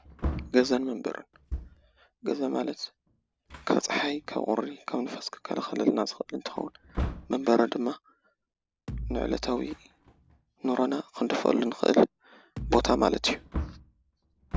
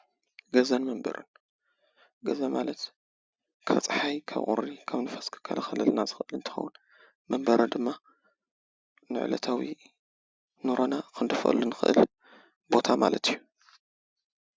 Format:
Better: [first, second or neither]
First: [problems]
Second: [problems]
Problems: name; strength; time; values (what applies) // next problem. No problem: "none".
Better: second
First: background sound (Wood + Bass drum); 11 dB below the speech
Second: none